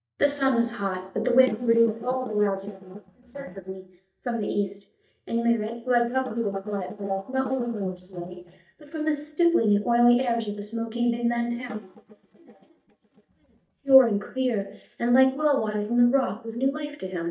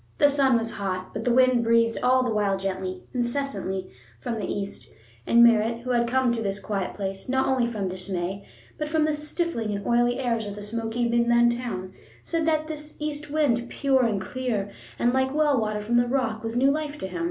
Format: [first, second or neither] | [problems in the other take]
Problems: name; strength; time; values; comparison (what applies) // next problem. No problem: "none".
second | noise reduction (neural mask model DeepFilterNet 3)